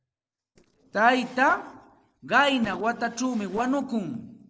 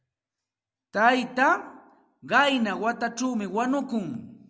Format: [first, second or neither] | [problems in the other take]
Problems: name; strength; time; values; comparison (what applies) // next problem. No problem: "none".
second | noise reduction (neural separator model SepFormer DNS4)